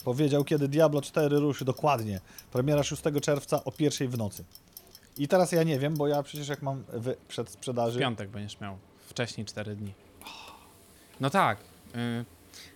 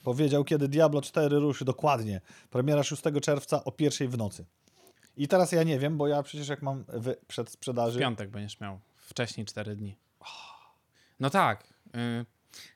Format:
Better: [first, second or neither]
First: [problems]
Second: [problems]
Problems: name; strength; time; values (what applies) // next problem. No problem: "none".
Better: second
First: household noises; faint; throughout; 20 dB below the speech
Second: none